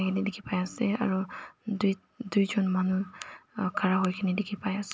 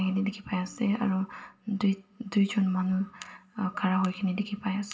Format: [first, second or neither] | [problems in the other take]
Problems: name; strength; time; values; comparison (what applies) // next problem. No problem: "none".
first | room echo; dies away in 0.4 s